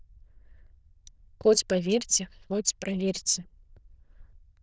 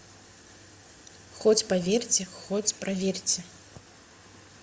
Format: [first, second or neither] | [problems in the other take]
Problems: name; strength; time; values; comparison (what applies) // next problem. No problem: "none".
second | noise reduction (neural diffusion model UNIVERSE++)